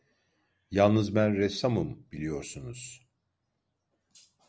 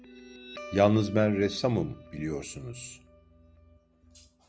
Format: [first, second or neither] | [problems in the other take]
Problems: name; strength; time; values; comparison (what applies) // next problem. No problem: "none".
first | background sound (Guitar); 19 dB below the speech